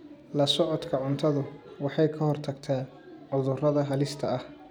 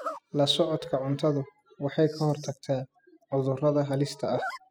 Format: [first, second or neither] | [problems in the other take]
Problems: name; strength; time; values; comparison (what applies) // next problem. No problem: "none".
first | noise reduction (classical method spectral subtraction)